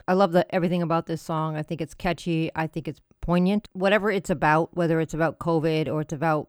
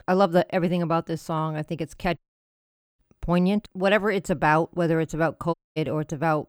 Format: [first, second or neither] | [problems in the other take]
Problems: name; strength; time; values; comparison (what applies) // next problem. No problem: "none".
first | audio cutting out; at 2 s for 1 s and at 5.5 s